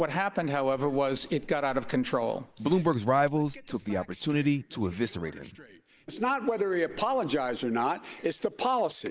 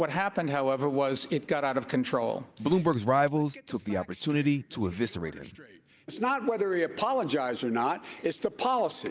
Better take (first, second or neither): second